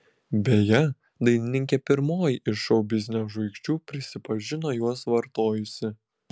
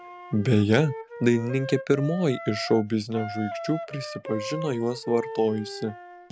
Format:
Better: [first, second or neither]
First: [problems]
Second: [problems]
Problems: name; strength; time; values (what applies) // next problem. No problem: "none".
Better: first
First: none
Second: background sound (Wind instrument, woodwind instrument); 11 dB below the speech